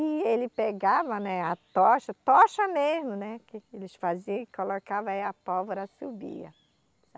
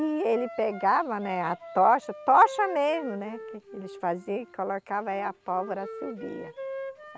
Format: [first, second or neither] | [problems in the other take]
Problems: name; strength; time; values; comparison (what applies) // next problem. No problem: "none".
first | background sound (Wind instrument, woodwind instrument); 14 dB below the speech